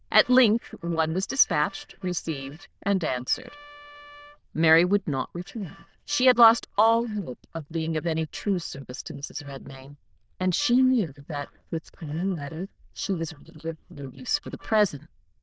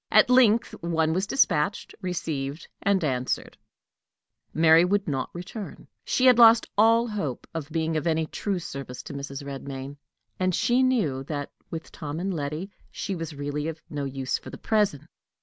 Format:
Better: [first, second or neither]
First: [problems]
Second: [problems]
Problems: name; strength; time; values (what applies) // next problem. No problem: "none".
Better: second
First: noise reduction (neural diffusion model UNIVERSE++)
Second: none